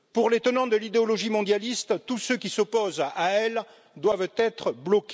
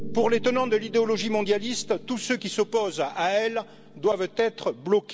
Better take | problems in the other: first | background sound (Piano); 13 dB below the speech

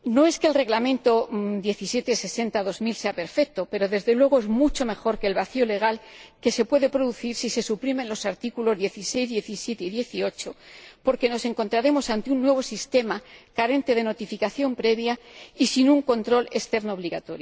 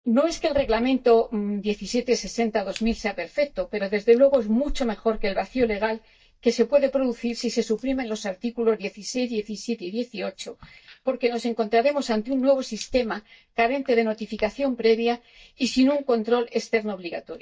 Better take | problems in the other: first | noise reduction (neural mask model DeepFilterNet 3)

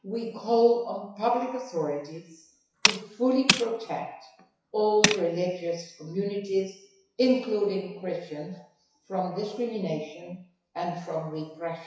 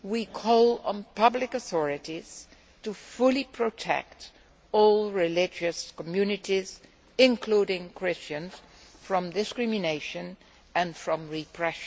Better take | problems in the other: second | noise reduction (classical method WPE with log-MMSE)

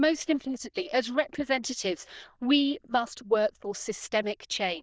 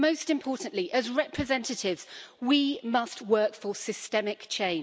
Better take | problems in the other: second | noise reduction (neural diffusion model UNIVERSE++)

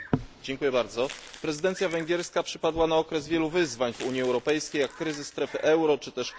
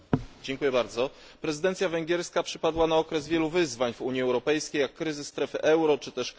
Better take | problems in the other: second | background sound (Bird vocalization, bird call, bird song + Crumpling, crinkling); 19 dB below the speech

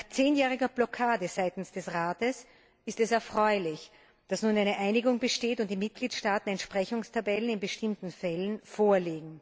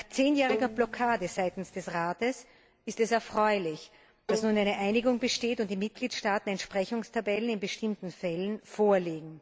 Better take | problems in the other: first | background sound (Bowed string instrument); 9 dB below the speech

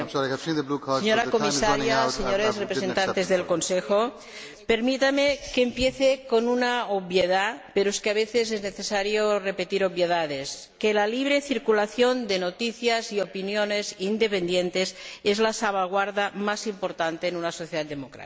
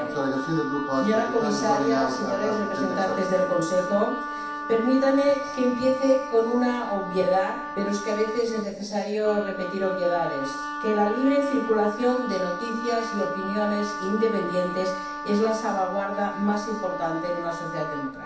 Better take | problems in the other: first | background sound (Wind instrument, woodwind instrument); 8 dB below the speech // room echo; dies away in 0.7 s

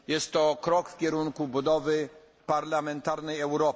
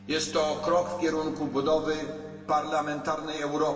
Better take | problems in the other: first | background sound (Bowed string instrument); 18 dB below the speech // room echo; dies away in 2.3 s

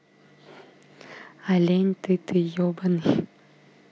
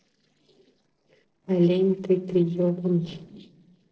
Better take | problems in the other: first | noise reduction (neural separator model SepFormer DNS4)

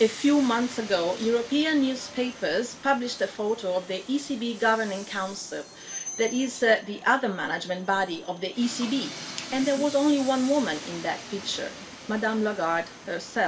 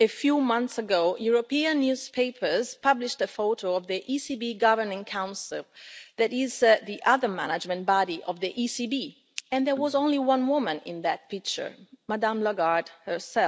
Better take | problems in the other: second | background sound (Train); 15 dB below the speech // room echo; dies away in 0.2 s

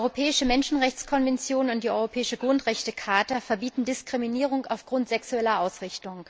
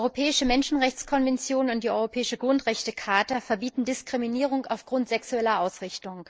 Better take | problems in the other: first | noise reduction (neural mask model Resemble Enhance denoiser)

